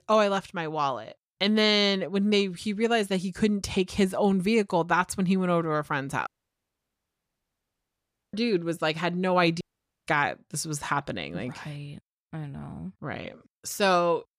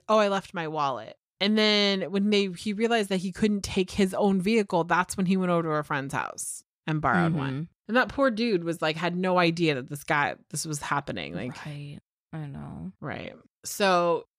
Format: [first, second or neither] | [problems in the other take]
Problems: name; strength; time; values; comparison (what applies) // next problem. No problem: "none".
second | audio cutting out; at 6.5 s for 2 s and at 9.5 s